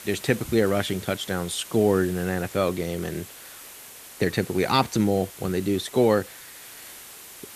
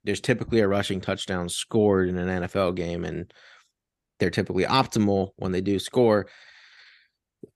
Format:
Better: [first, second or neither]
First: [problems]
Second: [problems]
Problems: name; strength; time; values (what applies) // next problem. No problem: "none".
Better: second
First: hiss; noticeable; throughout; 15 dB below the speech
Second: none